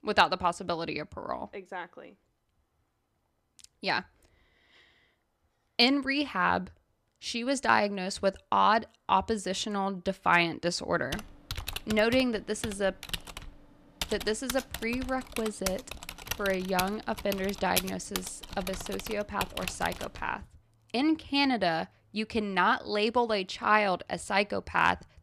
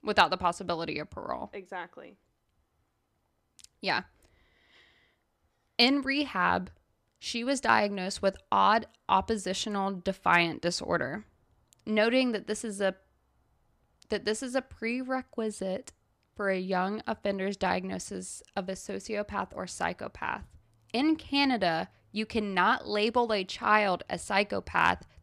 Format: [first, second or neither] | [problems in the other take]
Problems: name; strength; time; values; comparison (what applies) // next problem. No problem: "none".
second | keyboard typing; noticeable; from 11 to 20 s; peak 3 dB below the speech